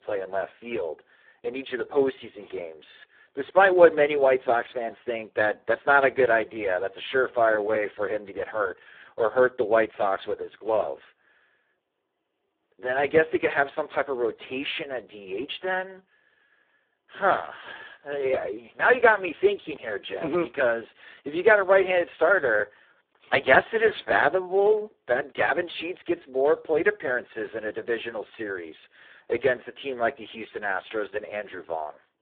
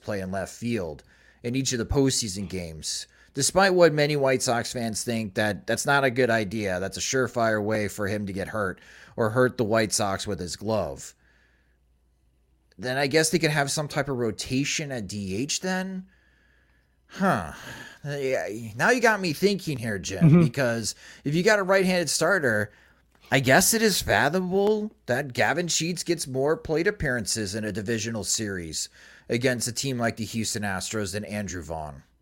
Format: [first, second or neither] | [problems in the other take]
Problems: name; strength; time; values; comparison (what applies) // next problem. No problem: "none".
second | phone-call audio; poor line; nothing above 3.5 kHz